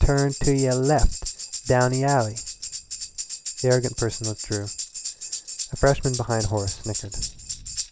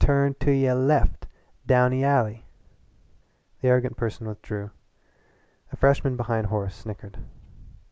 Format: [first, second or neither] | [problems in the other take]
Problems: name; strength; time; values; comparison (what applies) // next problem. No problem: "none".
second | background sound (Tambourine); 9 dB below the speech